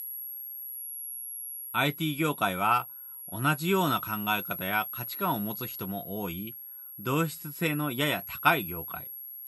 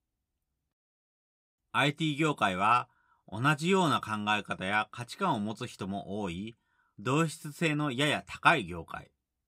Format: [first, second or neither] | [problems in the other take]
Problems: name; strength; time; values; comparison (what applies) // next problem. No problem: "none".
second | high-pitched whine; loud; throughout; 11.5 kHz, 8 dB below the speech